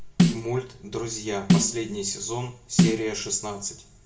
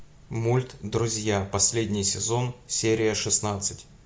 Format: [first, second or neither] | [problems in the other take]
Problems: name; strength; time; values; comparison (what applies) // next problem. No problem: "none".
second | background sound (Snare drum); 4 dB above the speech // room echo; dies away in 0.3 s